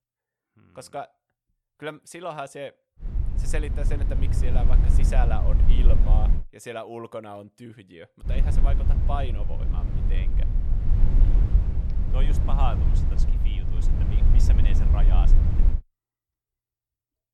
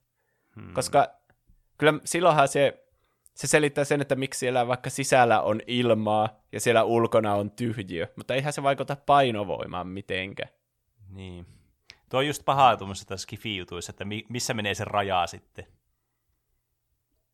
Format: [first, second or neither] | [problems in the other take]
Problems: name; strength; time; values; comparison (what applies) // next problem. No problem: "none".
second | low rumble; loud; from 3 to 6.5 s and from 8.5 to 16 s; 5 dB below the speech